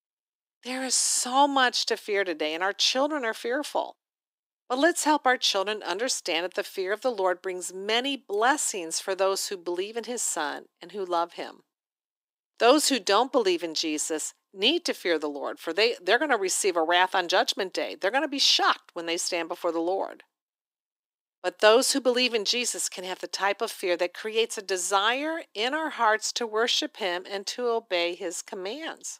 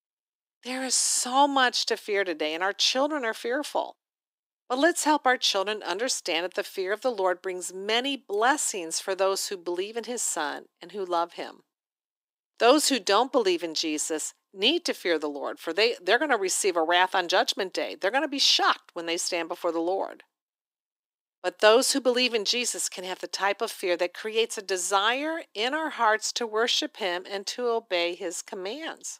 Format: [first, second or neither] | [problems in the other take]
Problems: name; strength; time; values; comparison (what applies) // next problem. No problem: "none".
neither | thin; somewhat; fading below 300 Hz; the same in both